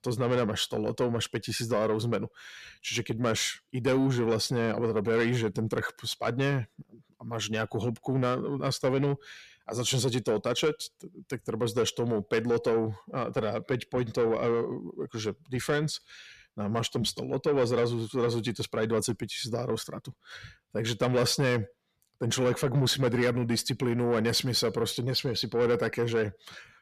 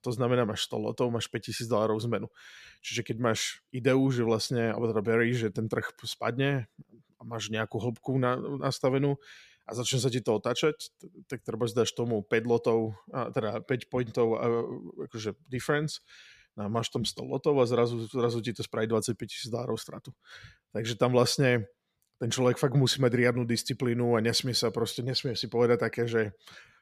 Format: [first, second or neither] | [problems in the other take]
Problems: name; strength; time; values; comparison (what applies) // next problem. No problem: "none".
second | distortion; slight; 10 dB below the speech